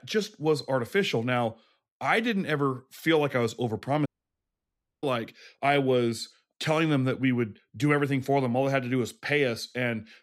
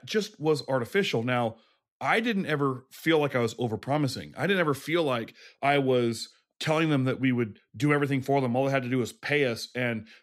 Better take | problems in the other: second | audio cutting out; at 4 s for 1 s

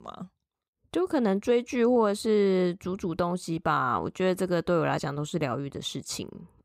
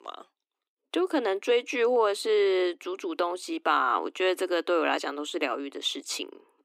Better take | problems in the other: first | thin; somewhat; fading below 300 Hz

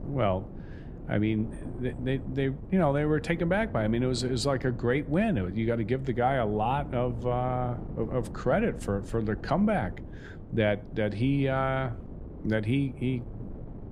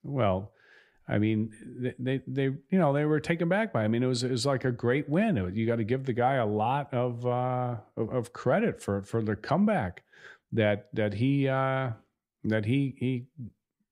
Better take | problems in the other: second | wind noise on the microphone; occasional gusts; 20 dB below the speech

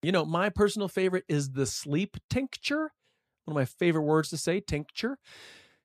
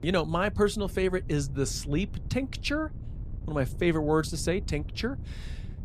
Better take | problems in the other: first | wind noise on the microphone; occasional gusts; 20 dB below the speech

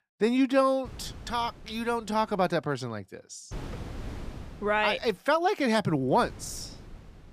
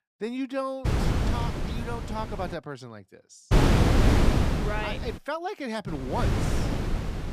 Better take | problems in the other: first | wind noise on the microphone; heavy; from 1 to 2.5 s, from 3.5 to 5 s and from 6 s on; 2 dB above the speech; occasional gusts in the first

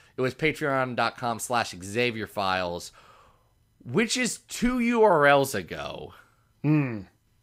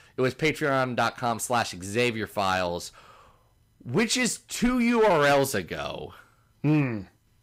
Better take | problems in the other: first | distortion; slight; 4% of the sound clipped

